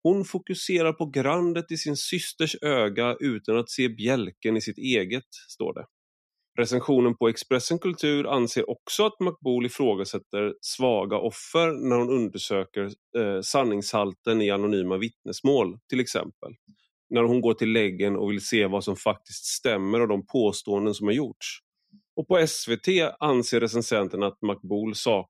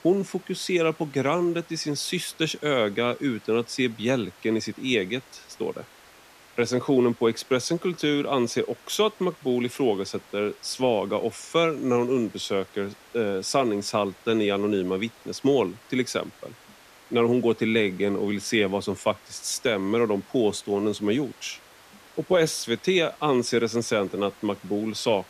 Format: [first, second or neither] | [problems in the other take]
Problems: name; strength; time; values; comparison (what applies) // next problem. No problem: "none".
first | hiss; faint; throughout; 25 dB below the speech